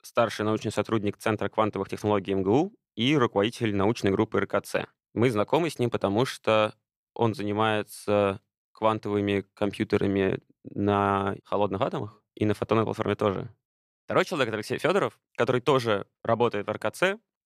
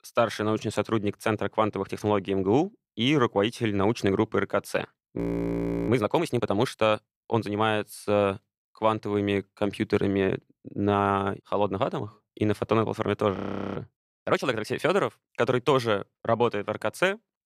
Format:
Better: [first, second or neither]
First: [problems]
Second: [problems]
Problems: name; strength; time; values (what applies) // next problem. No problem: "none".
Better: first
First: none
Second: audio freezing; at 5 s for 0.5 s and at 13 s